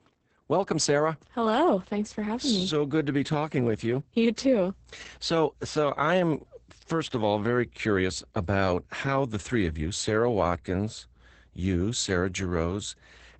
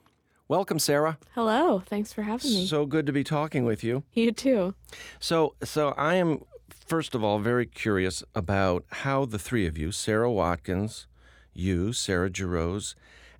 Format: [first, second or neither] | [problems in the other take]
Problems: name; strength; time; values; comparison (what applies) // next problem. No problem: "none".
second | garbled, watery; badly; nothing above 8 kHz